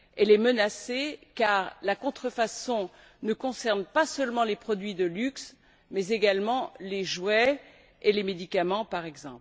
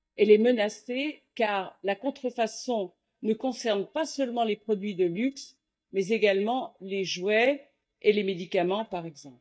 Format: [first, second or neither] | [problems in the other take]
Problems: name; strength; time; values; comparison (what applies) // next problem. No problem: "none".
first | noise reduction (neural mask model DeepFilterNet 3)